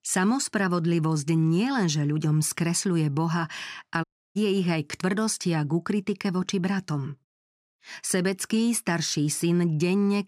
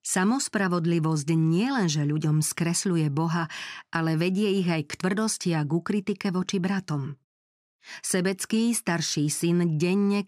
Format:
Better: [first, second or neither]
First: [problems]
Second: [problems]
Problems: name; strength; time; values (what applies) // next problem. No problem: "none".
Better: second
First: audio cutting out; at 4 s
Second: none